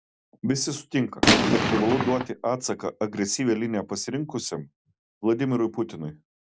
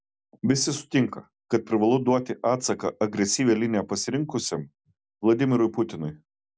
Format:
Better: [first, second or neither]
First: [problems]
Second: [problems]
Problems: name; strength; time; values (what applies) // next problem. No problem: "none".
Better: second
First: background sound (Gunshot, gunfire); 5 dB above the speech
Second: none